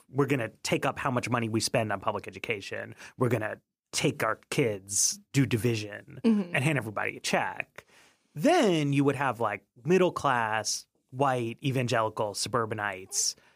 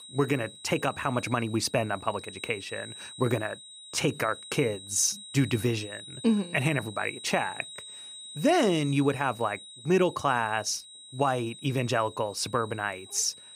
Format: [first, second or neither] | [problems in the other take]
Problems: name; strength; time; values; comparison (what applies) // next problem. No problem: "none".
first | high-pitched whine; noticeable; throughout; 4 kHz, 15 dB below the speech